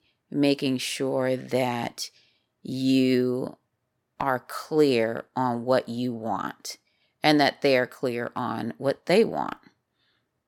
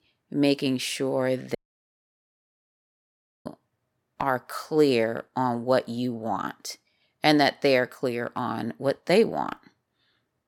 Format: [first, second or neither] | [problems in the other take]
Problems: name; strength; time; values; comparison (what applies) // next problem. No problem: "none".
first | audio cutting out; at 1.5 s for 2 s